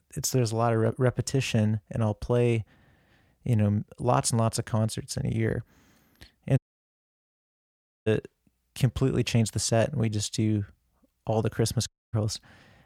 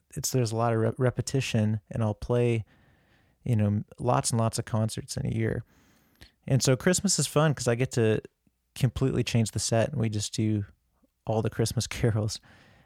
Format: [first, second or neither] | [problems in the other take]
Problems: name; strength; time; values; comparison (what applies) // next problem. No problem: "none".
second | audio cutting out; at 6.5 s for 1.5 s and at 12 s